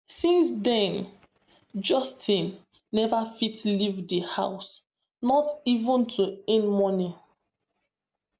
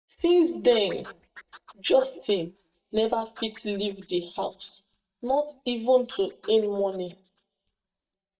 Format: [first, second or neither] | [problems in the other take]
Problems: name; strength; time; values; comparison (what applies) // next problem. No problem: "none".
first | noise reduction (neural mask model DeepFilterNet 3)